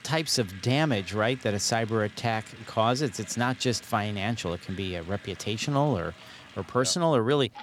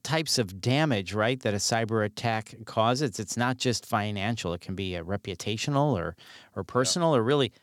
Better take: second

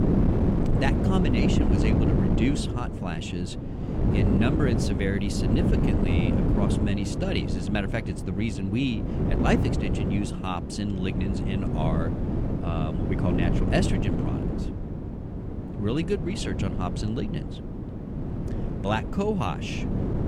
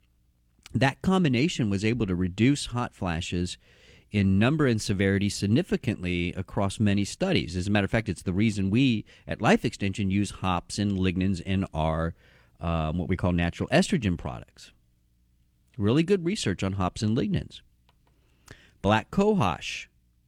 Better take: second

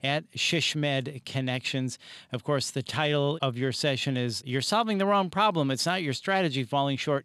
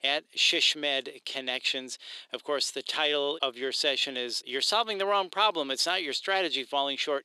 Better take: first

